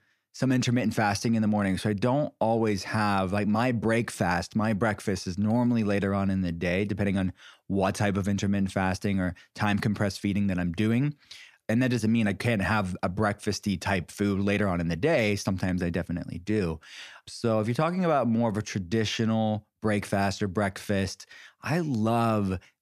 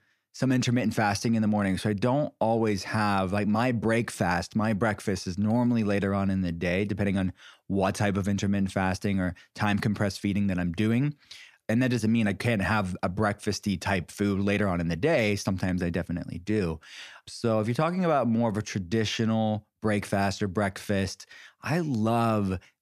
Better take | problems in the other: neither | none

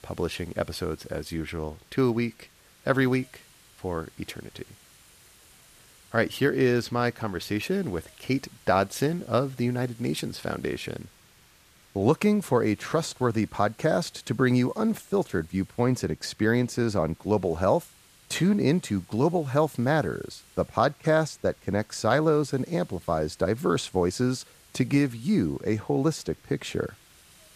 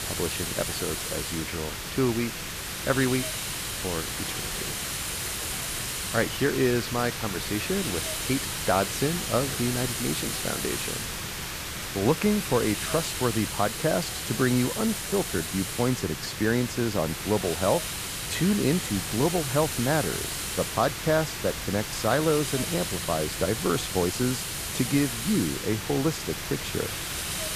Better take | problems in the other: first | hiss; loud; throughout; 3 dB below the speech; faint in the first

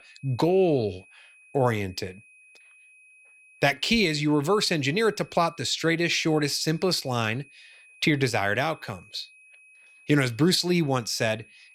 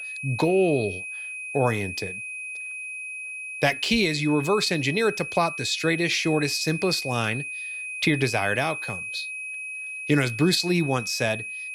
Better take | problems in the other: first | high-pitched whine; loud; throughout; 2.5 kHz, 7 dB below the speech; faint in the first

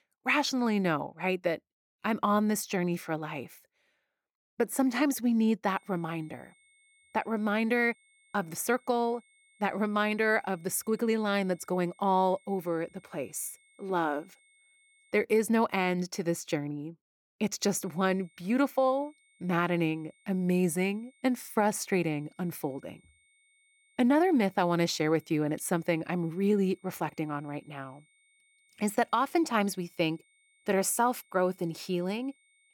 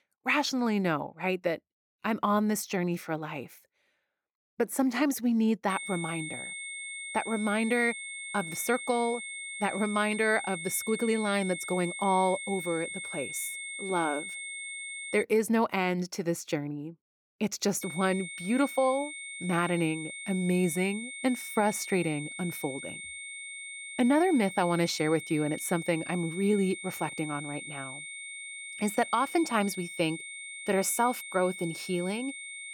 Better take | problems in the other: first | high-pitched whine; loud; from 5.5 to 15 s and from 18 s on; 2 kHz, 8 dB below the speech; faint in the first

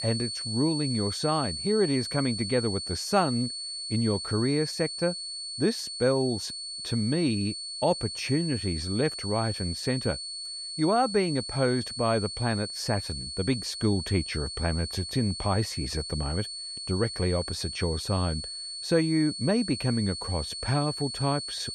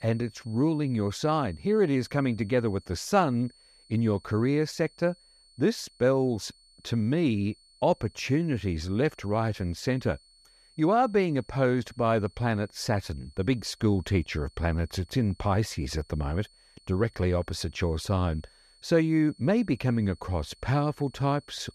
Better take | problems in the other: second | high-pitched whine; loud; throughout; 4.5 kHz, 5 dB below the speech; faint in the second

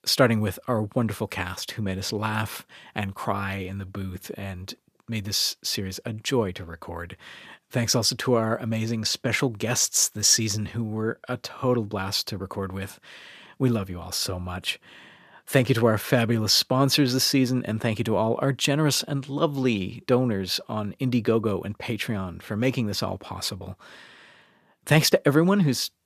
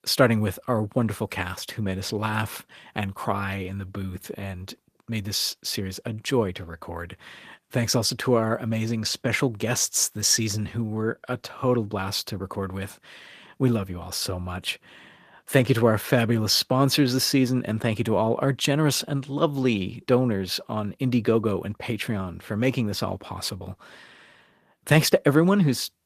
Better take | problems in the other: first | garbled, watery; slightly; nothing above 14.5 kHz

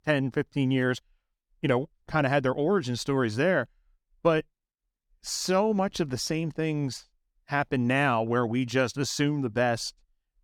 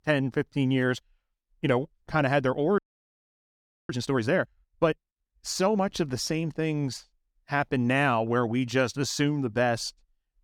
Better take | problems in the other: first | audio freezing; at 3 s for 1 s

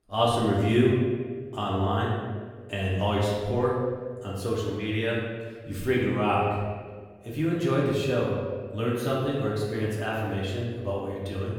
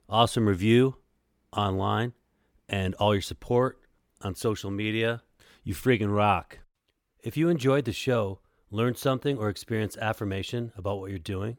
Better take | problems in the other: second | room echo; noticeable; dies away in 1.4 s // off-mic speech; far

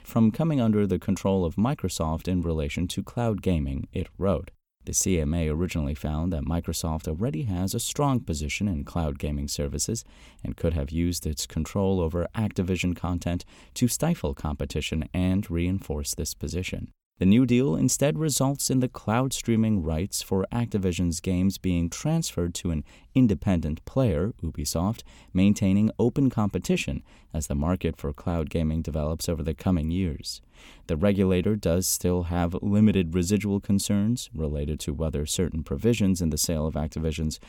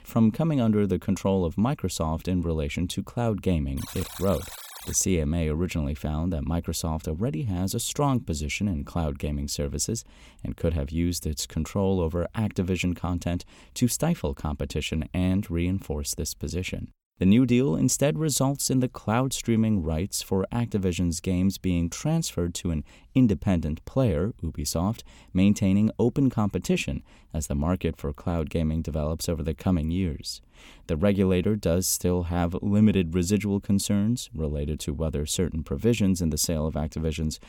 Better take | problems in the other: first | alarm; faint; from 4 to 5 s; peak 10 dB below the speech

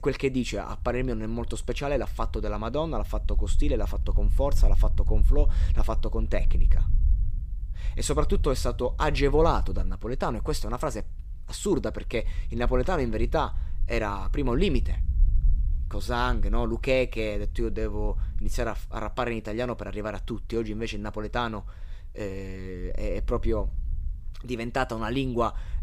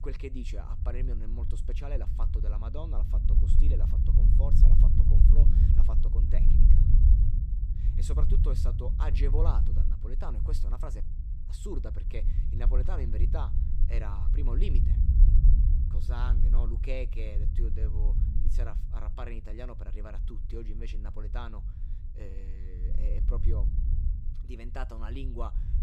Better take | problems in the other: first | low rumble; loud; throughout; 3 dB below the speech; faint in the first

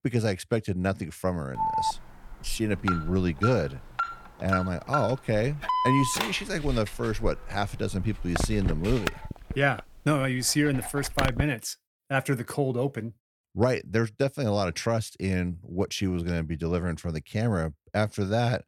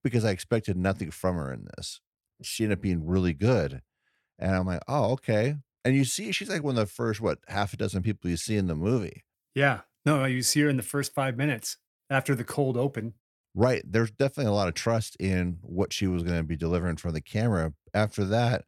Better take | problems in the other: second | alarm; loud; from 1.5 to 11 s; peak 3 dB above the speech

